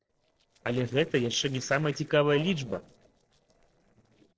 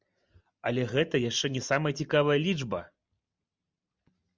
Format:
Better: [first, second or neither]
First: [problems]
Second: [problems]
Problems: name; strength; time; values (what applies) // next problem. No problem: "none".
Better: second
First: noise reduction (neural separator model SepFormer DNS4)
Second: none